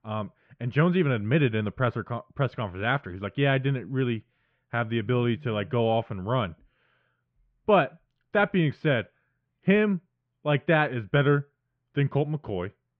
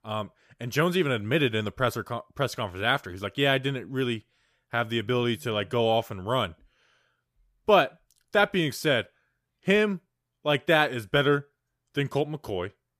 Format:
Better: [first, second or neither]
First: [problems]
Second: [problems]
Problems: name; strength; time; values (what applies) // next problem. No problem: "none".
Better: second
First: muffled; very; fading above 3 kHz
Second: none